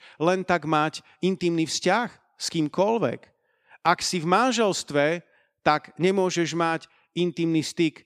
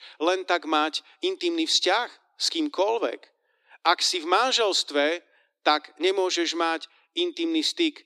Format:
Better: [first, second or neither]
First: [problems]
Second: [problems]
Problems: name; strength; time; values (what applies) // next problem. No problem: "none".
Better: first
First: none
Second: thin; somewhat; fading below 300 Hz